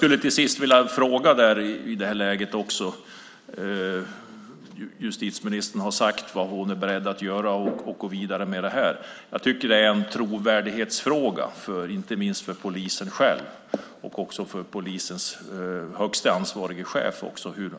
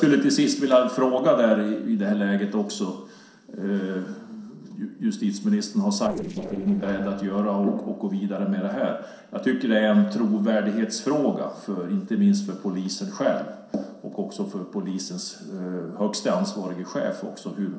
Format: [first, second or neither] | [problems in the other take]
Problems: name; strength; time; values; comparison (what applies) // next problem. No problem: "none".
first | noise reduction (neural separator model SepFormer DNS4)